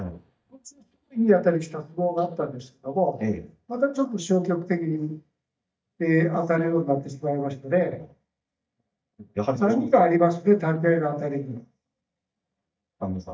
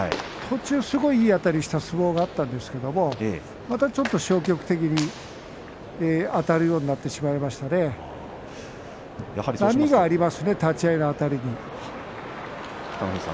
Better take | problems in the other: second | noise reduction (neural mask model DeepFilterNet 3)

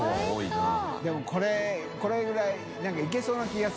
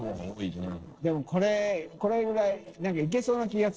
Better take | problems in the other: first | noise reduction (neural separator model SepFormer DNS4)

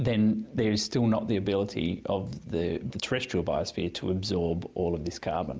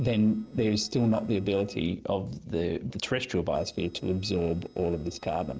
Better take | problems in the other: first | noise reduction (neural separator model SepFormer DNS4)

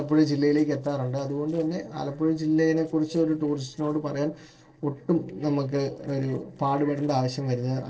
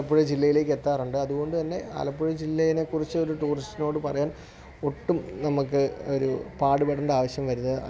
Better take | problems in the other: second | noise reduction (neural separator model SepFormer DNS4)

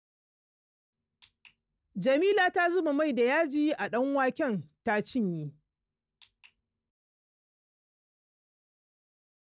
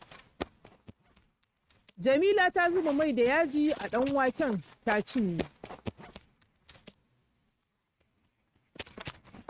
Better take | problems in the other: first | noise reduction (neural mask model RNNoise)

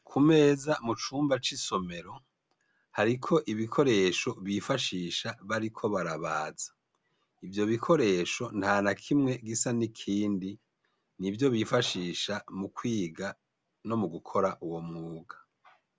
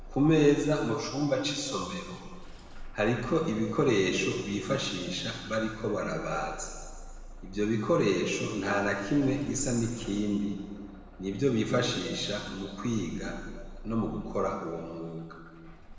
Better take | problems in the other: first | background sound (Engine starting / Bus); 16 dB below the speech // room echo; dies away in 1.6 s

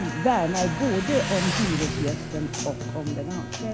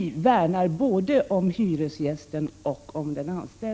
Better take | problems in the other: second | background sound (Motorcycle + Guitar); 3 dB below the speech

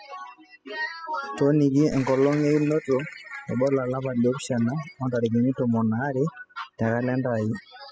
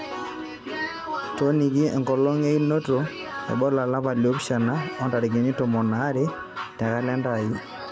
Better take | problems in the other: second | noise reduction (classical method spectral subtraction)

